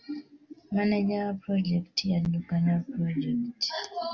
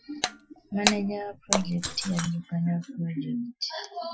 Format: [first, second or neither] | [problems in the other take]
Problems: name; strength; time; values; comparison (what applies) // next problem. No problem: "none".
first | noise reduction (classical method Wiener filter)